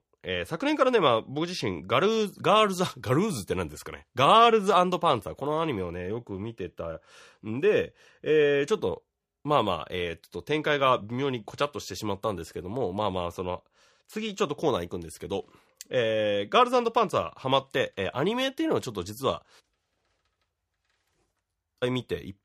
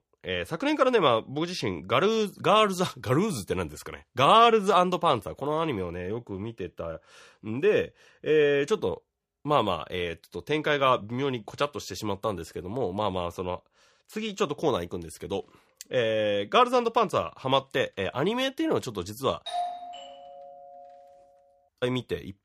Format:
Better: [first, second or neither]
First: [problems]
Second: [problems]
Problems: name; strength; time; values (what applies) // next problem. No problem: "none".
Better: first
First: none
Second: doorbell; noticeable; from 19 to 21 s; peak 6 dB below the speech